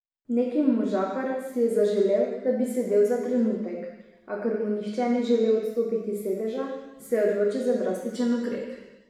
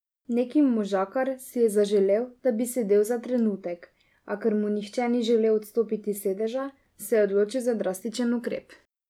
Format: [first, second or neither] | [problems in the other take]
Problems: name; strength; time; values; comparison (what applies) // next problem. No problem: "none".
second | room echo; dies away in 1.1 s